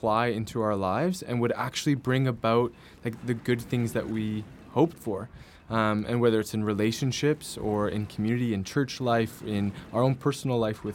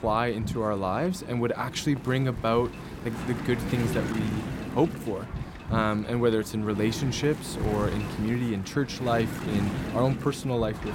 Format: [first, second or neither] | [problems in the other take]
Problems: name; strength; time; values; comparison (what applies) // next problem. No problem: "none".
first | wind noise on the microphone; heavy; 9 dB below the speech; occasional gusts in the first